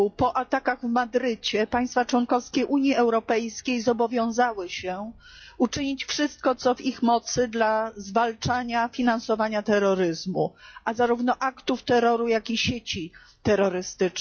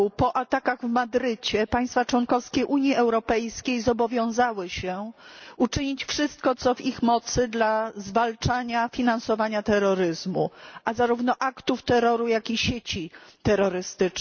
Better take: second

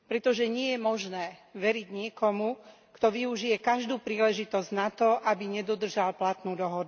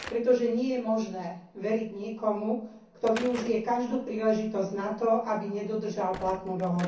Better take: first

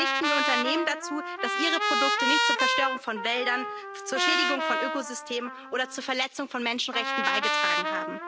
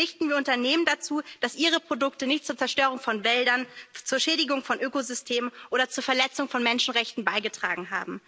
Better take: second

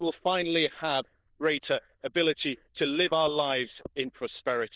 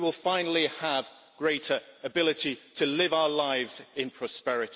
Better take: second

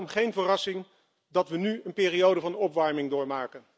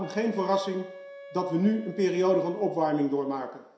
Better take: first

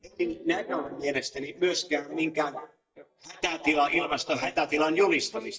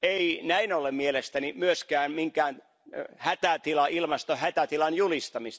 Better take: second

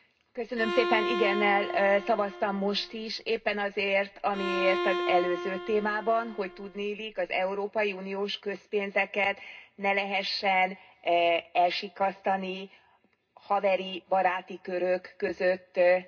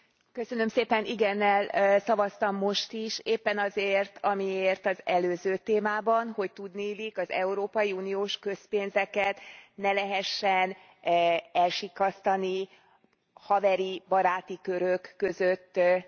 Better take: second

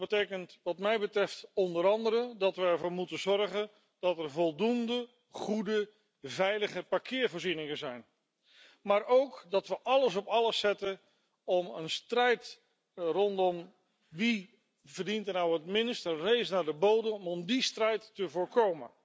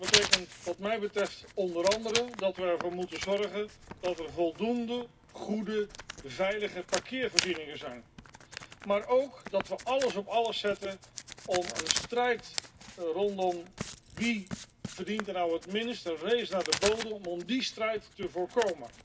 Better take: first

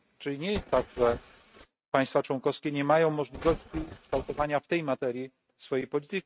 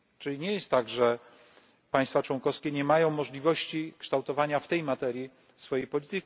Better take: second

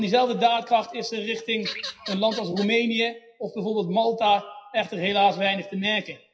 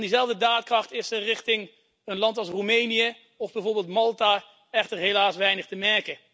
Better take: second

